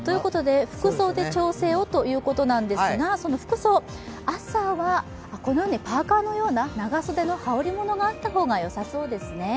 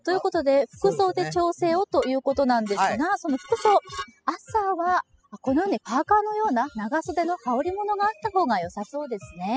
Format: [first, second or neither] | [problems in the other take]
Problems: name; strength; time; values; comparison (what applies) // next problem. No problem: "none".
first | noise reduction (classical method spectral subtraction)